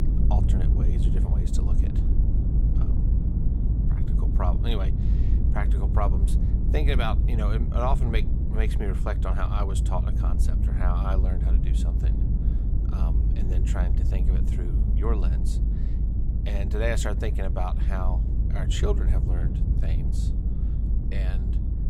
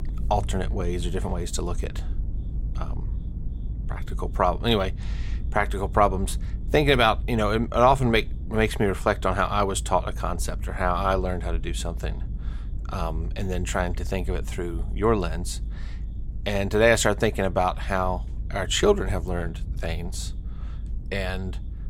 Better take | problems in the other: second | low rumble; loud; throughout; 6 dB below the speech; faint in the second

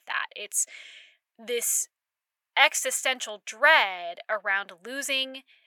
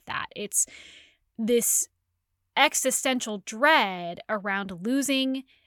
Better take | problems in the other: second | thin; very; fading below 600 Hz

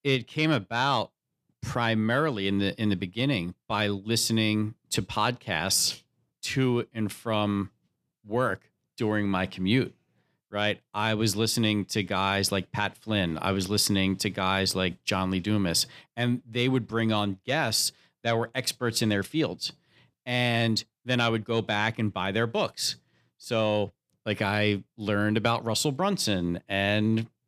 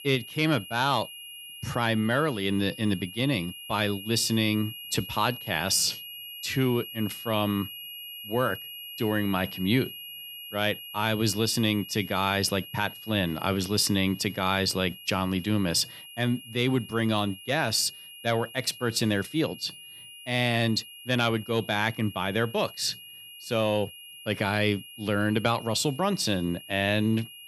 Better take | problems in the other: first | high-pitched whine; noticeable; throughout; 3 kHz, 15 dB below the speech

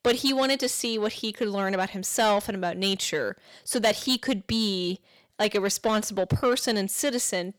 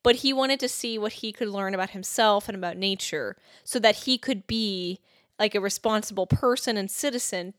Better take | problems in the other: second | distortion; slight; 10 dB below the speech

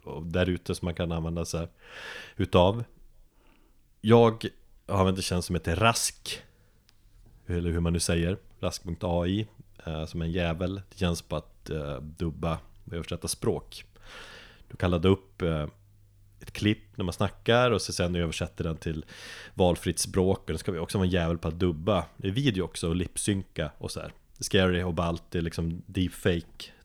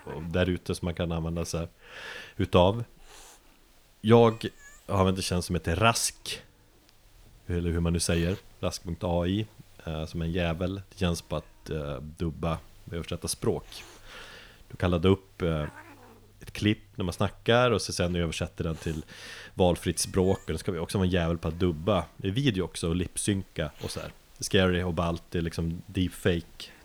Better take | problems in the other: first | hiss; faint; throughout; 25 dB below the speech

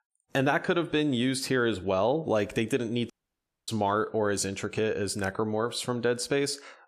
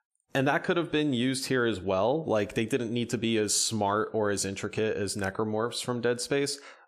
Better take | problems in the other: second | audio cutting out; at 3 s for 0.5 s

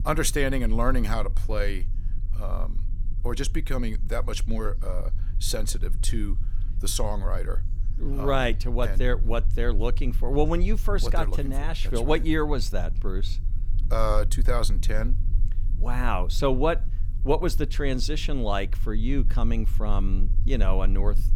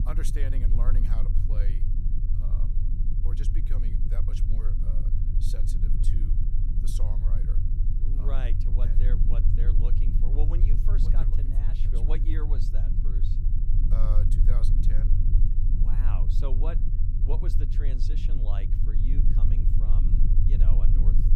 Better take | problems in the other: first | low rumble; loud; throughout; 1 dB below the speech; faint in the first

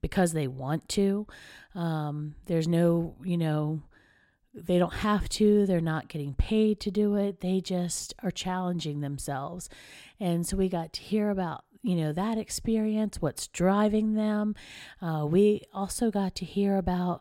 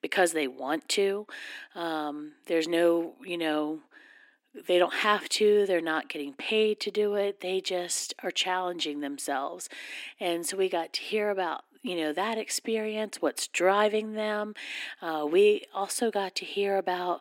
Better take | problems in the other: first | thin; very; fading below 300 Hz

